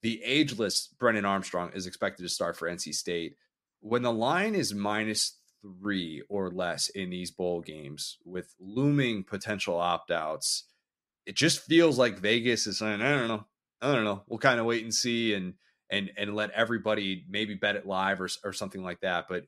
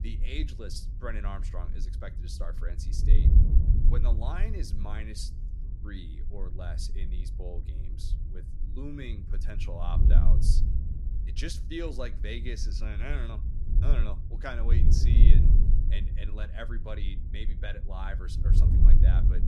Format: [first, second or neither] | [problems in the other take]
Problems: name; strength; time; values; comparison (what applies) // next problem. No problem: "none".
first | wind noise on the microphone; heavy; 4 dB below the speech